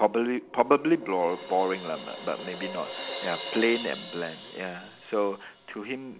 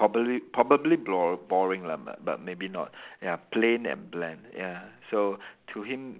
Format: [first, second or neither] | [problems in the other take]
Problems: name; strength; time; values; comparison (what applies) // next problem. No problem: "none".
second | background sound (Crash cymbal); 12 dB below the speech